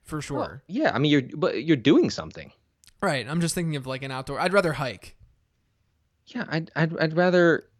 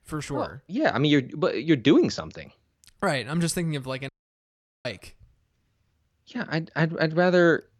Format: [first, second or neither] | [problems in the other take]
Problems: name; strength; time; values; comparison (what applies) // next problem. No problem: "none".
first | audio cutting out; at 4 s for 1 s